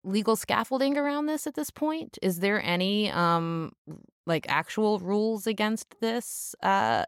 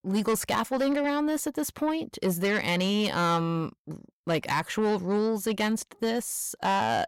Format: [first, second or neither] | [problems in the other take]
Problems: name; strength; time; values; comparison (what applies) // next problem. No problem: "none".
first | distortion; slight; 10 dB below the speech